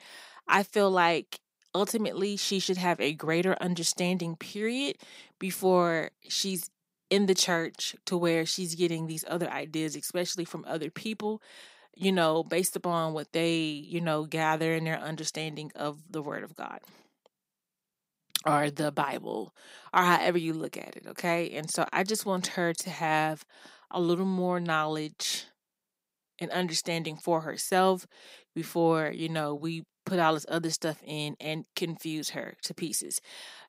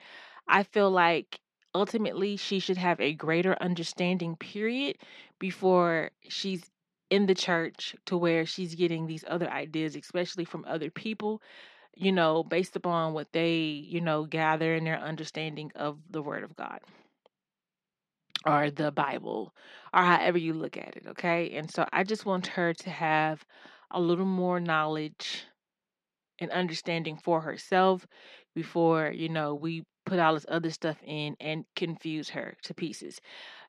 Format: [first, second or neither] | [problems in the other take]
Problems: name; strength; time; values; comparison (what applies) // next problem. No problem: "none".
first | muffled; slightly; fading above 3 kHz